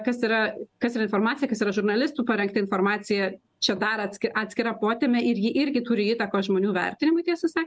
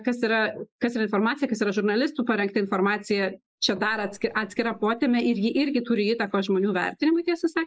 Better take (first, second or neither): first